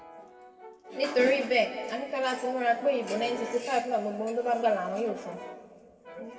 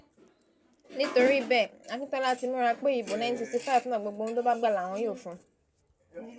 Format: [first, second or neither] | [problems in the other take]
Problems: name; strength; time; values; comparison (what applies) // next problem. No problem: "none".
second | background sound (Brass instrument); 16 dB below the speech // room echo; dies away in 1.9 s